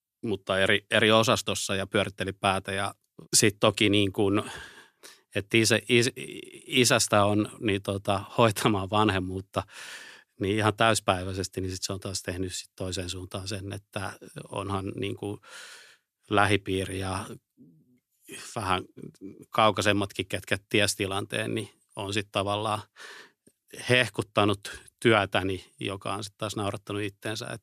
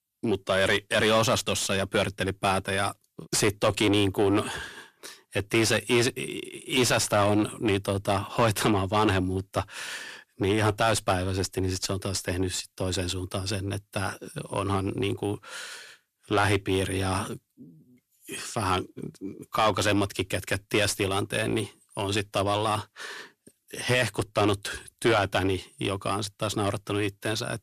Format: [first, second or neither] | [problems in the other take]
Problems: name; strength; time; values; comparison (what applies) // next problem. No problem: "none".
first | distortion; heavy; 6 dB below the speech